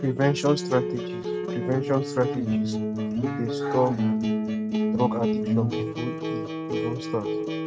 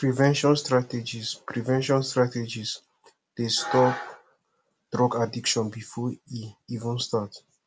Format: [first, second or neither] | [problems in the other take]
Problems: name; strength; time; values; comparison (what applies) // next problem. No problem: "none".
second | noise reduction (neural mask model RNNoise)